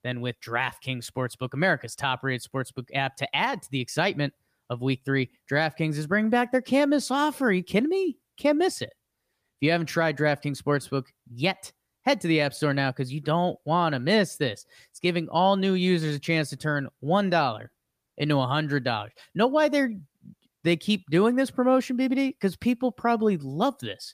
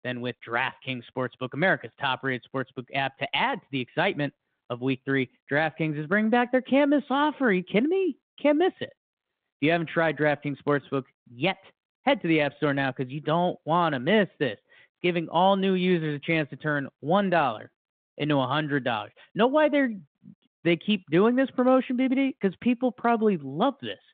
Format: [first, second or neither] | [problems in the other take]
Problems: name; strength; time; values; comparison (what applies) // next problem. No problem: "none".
first | phone-call audio; nothing above 3.5 kHz